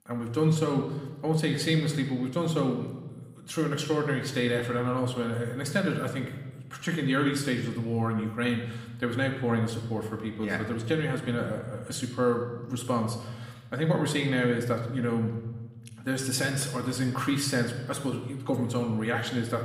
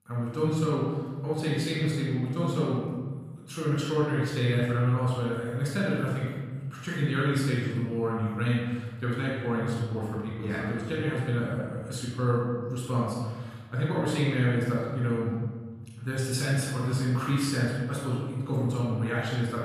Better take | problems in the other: first | room echo; strong; dies away in 1.5 s; slight in the first // off-mic speech; far; somewhat distant in the first

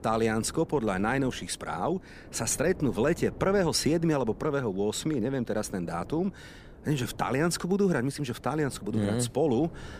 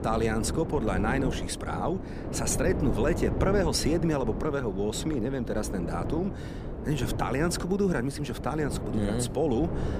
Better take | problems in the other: first | wind noise on the microphone; heavy; 8 dB below the speech; occasional gusts in the first

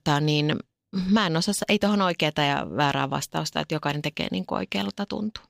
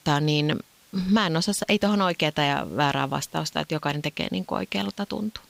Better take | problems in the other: first | hiss; faint; throughout; 30 dB below the speech

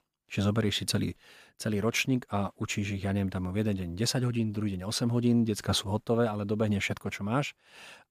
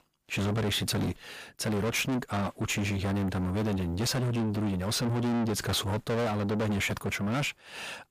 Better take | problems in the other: first | distortion; heavy; 6 dB below the speech

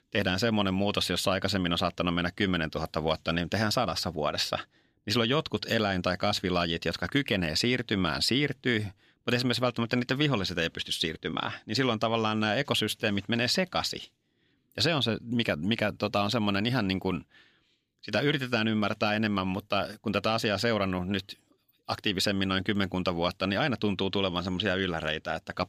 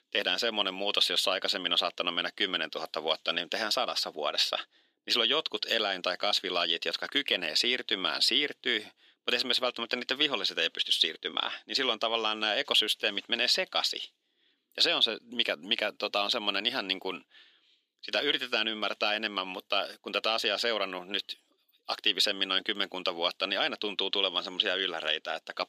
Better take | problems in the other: first | thin; somewhat; fading below 350 Hz

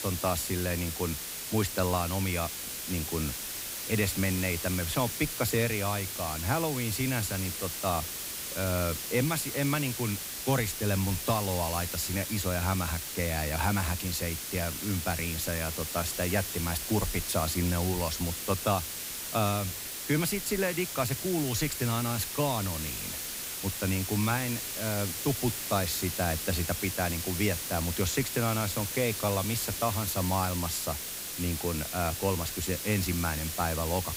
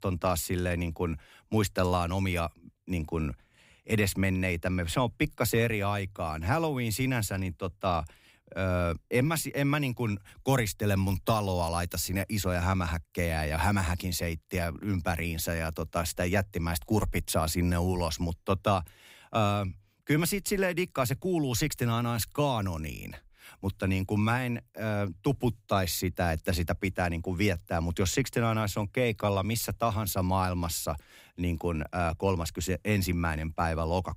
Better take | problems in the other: second | hiss; loud; throughout; 3 dB below the speech

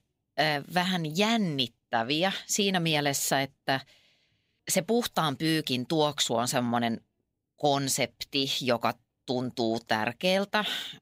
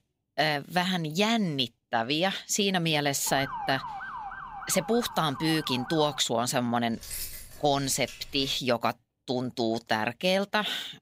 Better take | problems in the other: first | siren; noticeable; from 3.5 to 6 s; peak 8 dB below the speech // jangling keys; noticeable; from 7 to 8.5 s; peak 8 dB below the speech

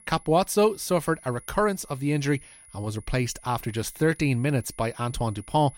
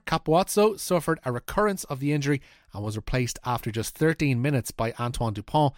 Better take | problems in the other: second | high-pitched whine; faint; throughout; 10.5 kHz, 20 dB below the speech

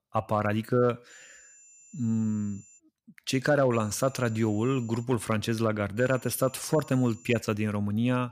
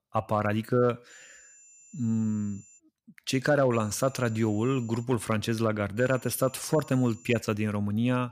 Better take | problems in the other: neither | high-pitched whine; faint; from 1 to 3 s, from 3.5 to 5 s and from 6 to 7.5 s; 7 kHz, 25 dB below the speech; the same in both

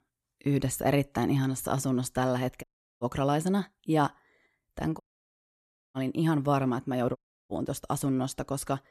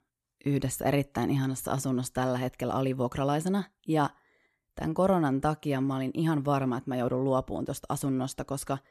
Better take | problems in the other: second | audio cutting out; at 2.5 s, at 5 s for 1 s and at 7 s

